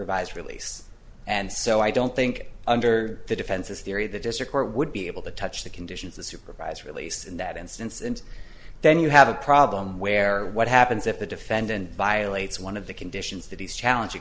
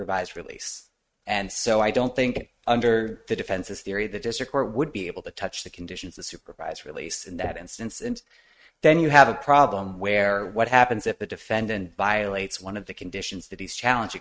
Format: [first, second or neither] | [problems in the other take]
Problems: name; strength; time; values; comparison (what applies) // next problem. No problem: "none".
first | noise reduction (neural mask model RNNoise)